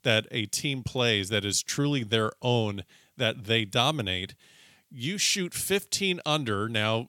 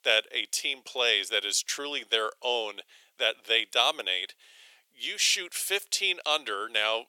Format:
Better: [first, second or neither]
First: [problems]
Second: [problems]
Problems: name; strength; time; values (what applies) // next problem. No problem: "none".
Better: first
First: none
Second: thin; very; fading below 450 Hz